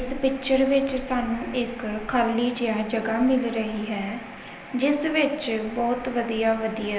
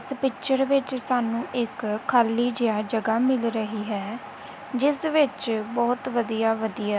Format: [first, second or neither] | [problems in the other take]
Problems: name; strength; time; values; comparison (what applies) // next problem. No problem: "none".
second | background sound (Frog); 19 dB below the speech // room echo; dies away in 0.8 s